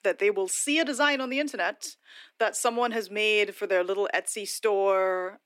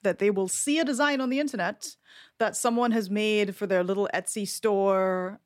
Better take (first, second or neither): second